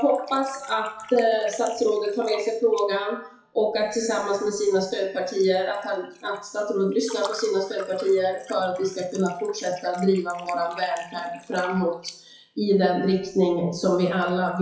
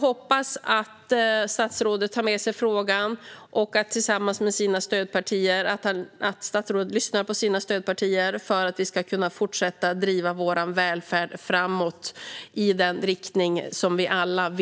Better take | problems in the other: second | noise reduction (classical method WPE with log-MMSE)

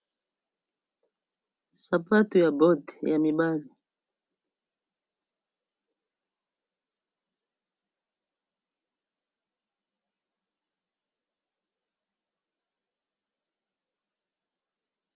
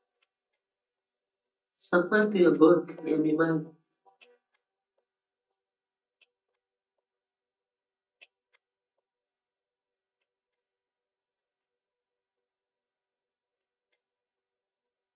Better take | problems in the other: first | noise reduction (neural mask model DeepFilterNet 3)

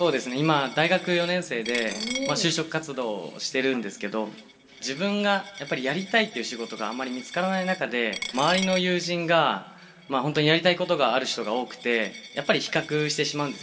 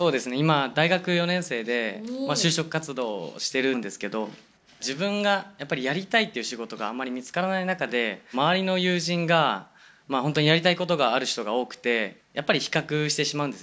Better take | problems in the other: second | background sound (Coin (dropping)); 15 dB below the speech // room echo; dies away in 2.7 s

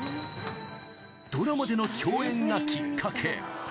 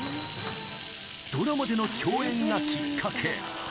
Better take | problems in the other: first | background sound (Bathtub (filling or washing)); 12 dB below the speech

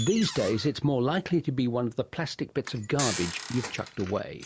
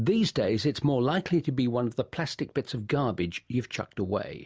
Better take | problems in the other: second | background sound (Microwave oven); 12 dB below the speech

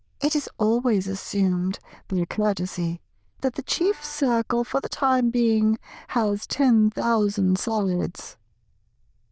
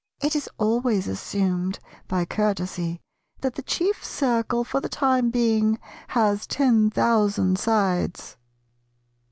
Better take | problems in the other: second | noise reduction (neural diffusion model UNIVERSE++)

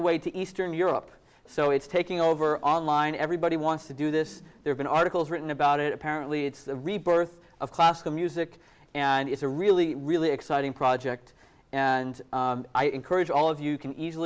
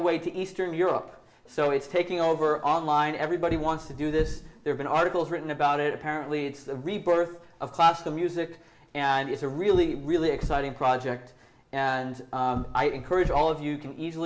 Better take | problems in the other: first | background sound (Car); 8 dB below the speech // room echo; dies away in 0.6 s

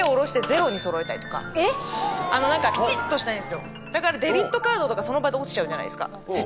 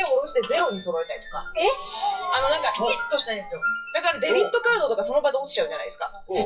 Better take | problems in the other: first | noise reduction (classical method WPE with log-MMSE)

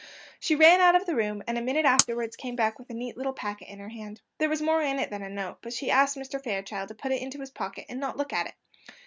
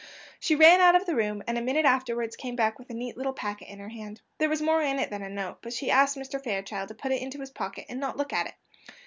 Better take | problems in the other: second | noise reduction (neural mask model RNNoise)

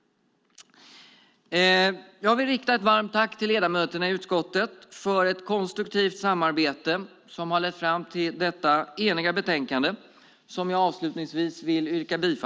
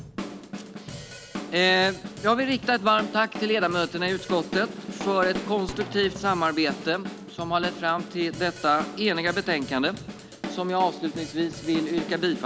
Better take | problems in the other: first | background sound (Drum kit); 10 dB below the speech

